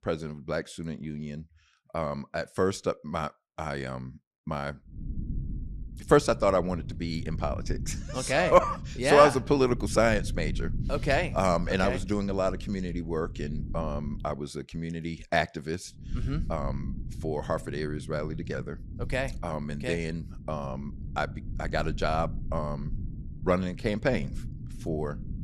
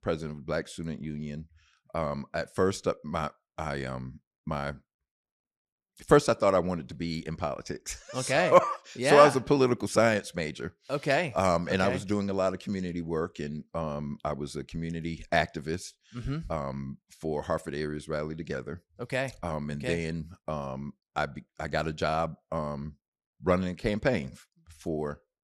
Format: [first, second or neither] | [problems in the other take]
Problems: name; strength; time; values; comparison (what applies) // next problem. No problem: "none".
second | low rumble; faint; from 5 to 14 s and from 16 s on; 20 dB below the speech